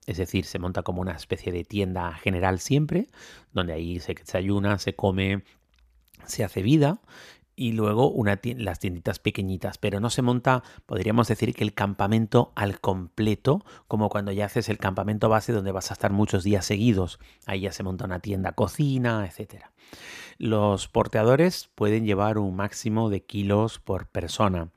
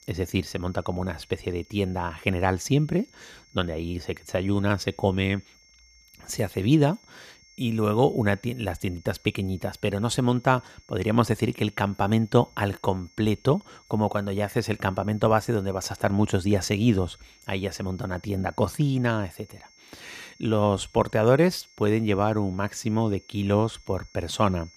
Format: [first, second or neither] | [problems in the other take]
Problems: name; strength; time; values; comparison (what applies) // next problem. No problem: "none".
first | high-pitched whine; faint; throughout; 2 kHz, 30 dB below the speech